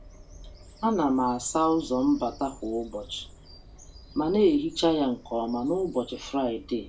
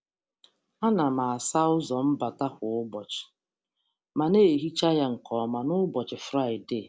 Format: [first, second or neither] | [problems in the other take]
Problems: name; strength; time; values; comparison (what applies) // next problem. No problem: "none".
second | background sound (Bird vocalization, bird call, bird song); 20 dB below the speech // room echo; dies away in 0.2 s